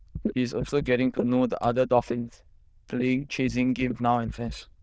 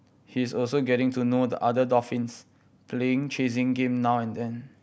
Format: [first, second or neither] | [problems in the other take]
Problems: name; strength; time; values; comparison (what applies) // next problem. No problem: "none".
second | noise reduction (neural diffusion model UNIVERSE++)